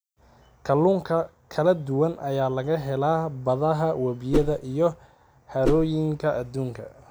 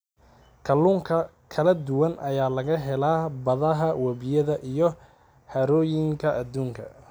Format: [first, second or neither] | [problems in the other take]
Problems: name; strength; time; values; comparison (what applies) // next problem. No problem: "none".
second | background sound (Whoosh, swoosh, swish); 1 dB below the speech